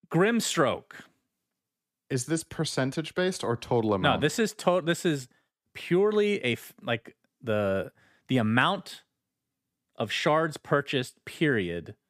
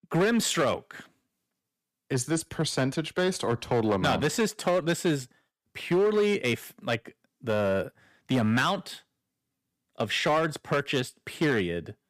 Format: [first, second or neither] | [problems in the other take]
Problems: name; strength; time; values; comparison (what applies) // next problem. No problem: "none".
first | distortion; slight; 5% of the sound clipped